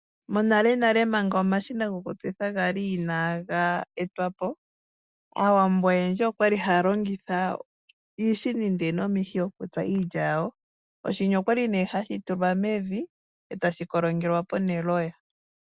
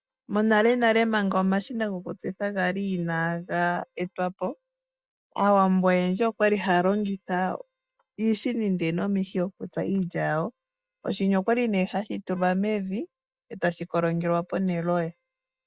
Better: first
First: none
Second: noise reduction (neural mask model DeepFilterNet 3)

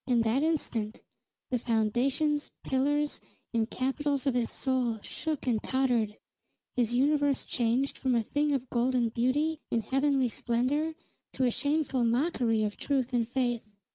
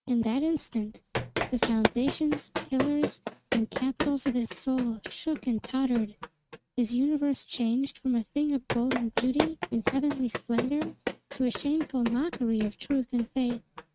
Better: first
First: none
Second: noise reduction (neural mask model RNNoise)

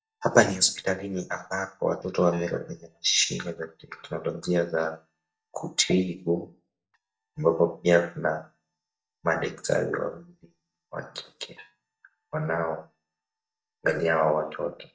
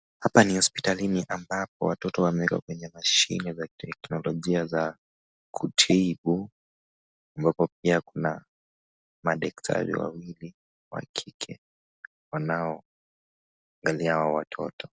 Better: second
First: noise reduction (neural mask model DeepFilterNet 3)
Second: none

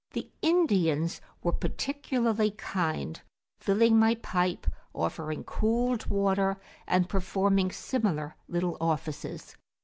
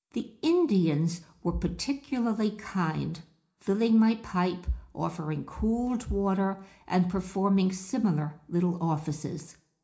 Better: first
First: none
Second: room echo; dies away in 0.4 s

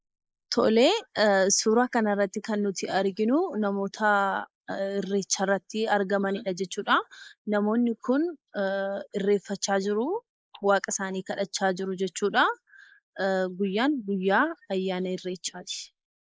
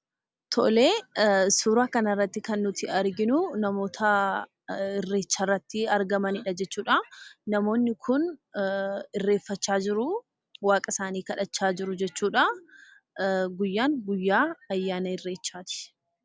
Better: second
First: noise reduction (neural mask model Resemble Enhance denoiser)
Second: none

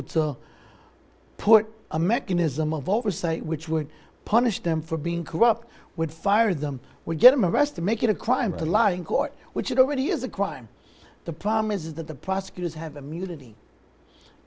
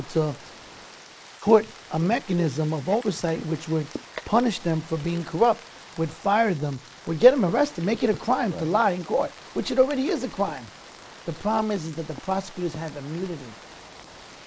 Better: first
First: none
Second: noise reduction (neural mask model Resemble Enhance denoiser)

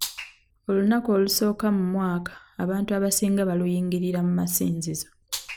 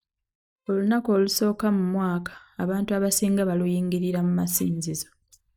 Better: first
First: none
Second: noise reduction (neural mask model DeepFilterNet 3)

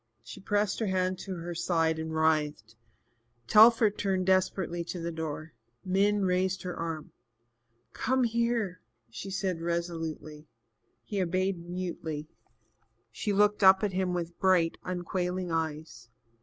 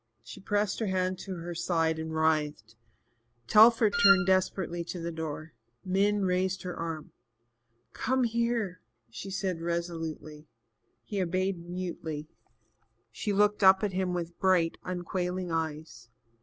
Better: first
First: none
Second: background sound (Wind instrument, woodwind instrument); 1 dB above the speech

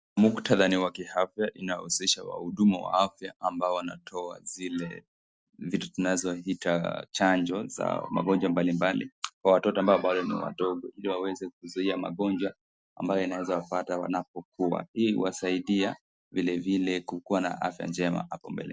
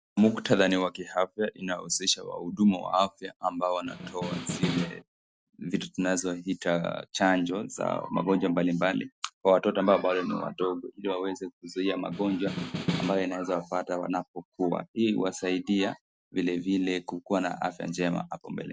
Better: first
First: none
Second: background sound (Snare drum); 5 dB below the speech

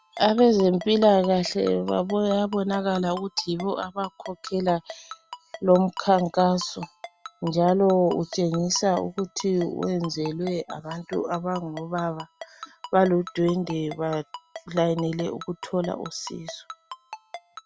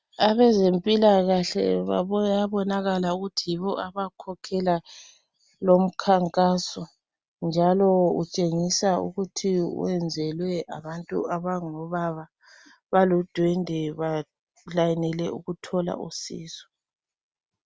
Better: second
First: background sound (Ringtone); 18 dB below the speech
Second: none

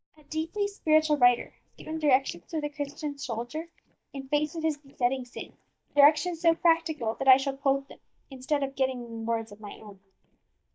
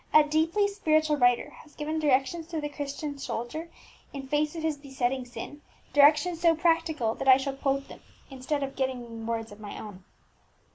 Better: second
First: noise reduction (neural mask model DeepFilterNet 3)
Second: none

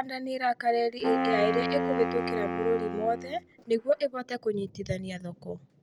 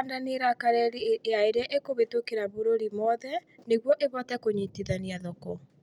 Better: second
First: background sound (Wind instrument, woodwind instrument); 2 dB below the speech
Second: none

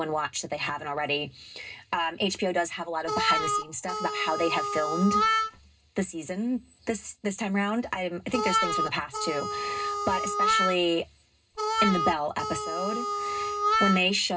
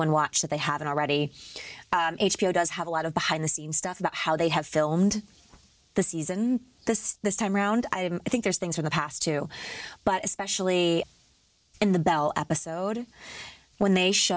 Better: second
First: background sound (Harmonica); 2 dB above the speech // room echo; dies away in 0.2 s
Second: none

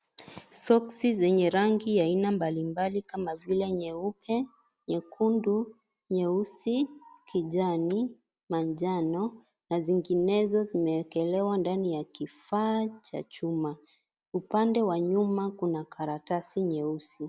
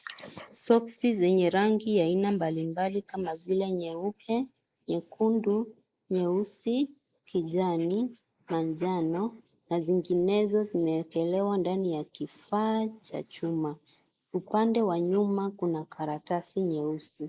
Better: first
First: none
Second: noise reduction (neural mask model Resemble Enhance denoiser)

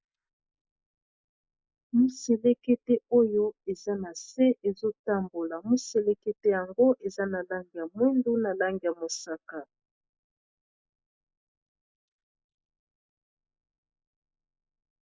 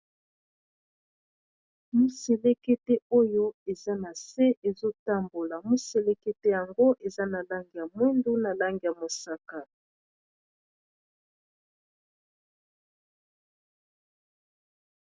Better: second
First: noise reduction (neural mask model Resemble Enhance denoiser)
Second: none

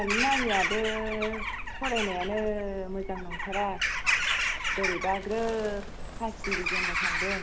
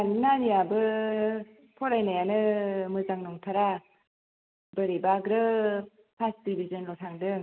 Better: second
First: background sound (Bird vocalization, bird call, bird song / Crow); 1 dB above the speech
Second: none

